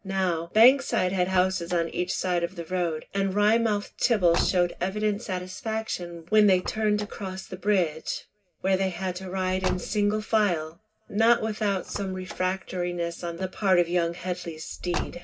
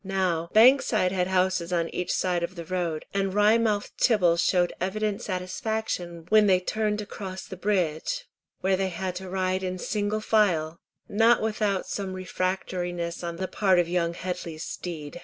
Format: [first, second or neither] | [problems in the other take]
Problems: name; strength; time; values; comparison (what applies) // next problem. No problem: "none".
second | background sound (Car); 15 dB below the speech // room echo; dies away in 0.4 s